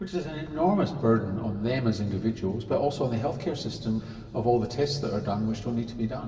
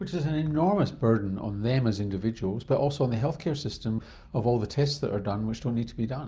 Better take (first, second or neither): second